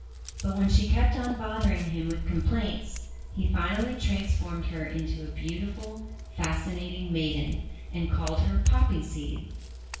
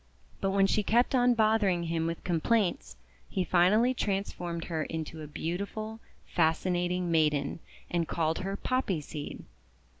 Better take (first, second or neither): second